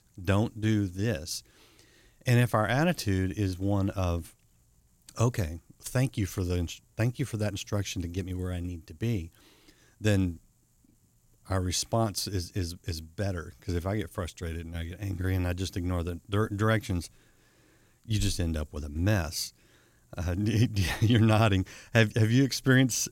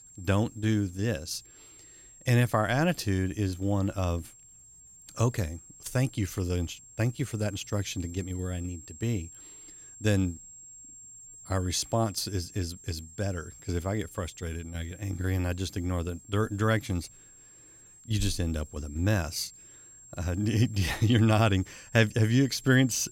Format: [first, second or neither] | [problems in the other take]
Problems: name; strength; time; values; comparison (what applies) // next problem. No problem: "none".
first | high-pitched whine; noticeable; throughout; 7.5 kHz, 20 dB below the speech